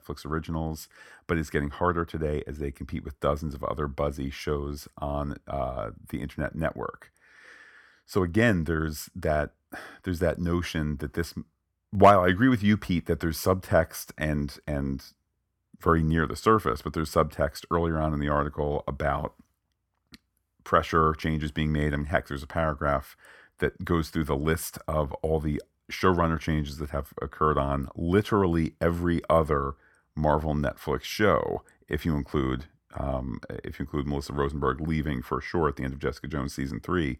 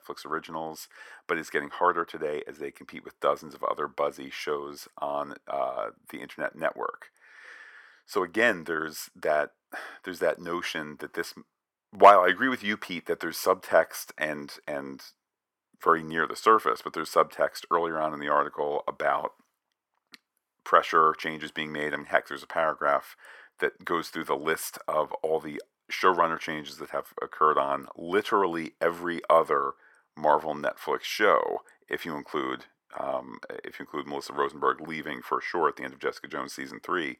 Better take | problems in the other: first | thin; somewhat; fading below 450 Hz

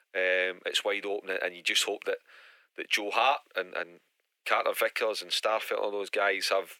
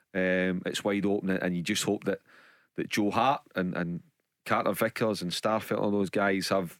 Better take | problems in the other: second | thin; very; fading below 450 Hz

